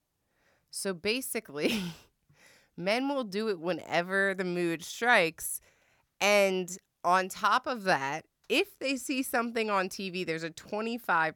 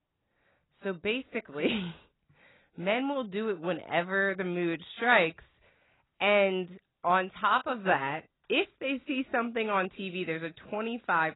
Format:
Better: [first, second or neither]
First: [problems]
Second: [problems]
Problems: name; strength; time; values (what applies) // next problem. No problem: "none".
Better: first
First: none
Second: garbled, watery; badly; nothing above 4 kHz